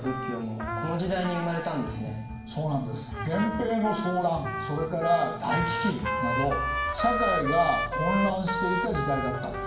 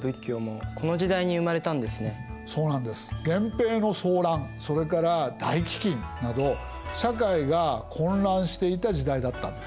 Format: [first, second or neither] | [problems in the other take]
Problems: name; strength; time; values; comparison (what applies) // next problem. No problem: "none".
second | background sound (Trumpet); 4 dB below the speech // room echo; dies away in 0.7 s